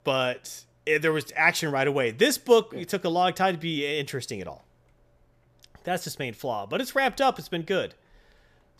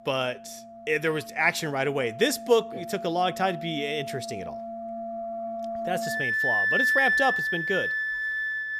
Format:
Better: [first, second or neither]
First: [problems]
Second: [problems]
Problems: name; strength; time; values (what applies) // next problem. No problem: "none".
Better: first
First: none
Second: background music; very loud; throughout; as loud as the speech